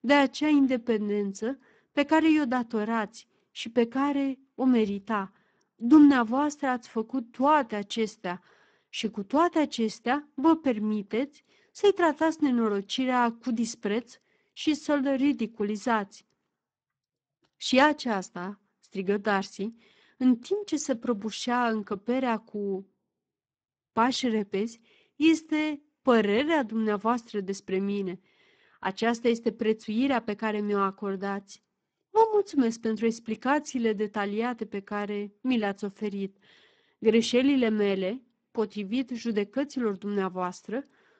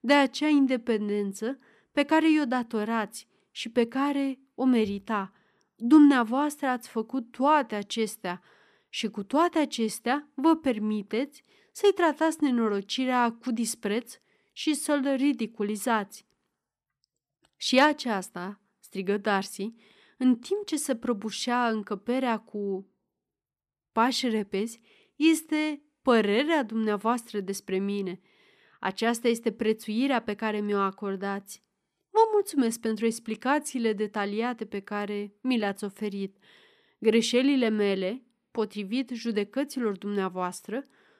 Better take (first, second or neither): second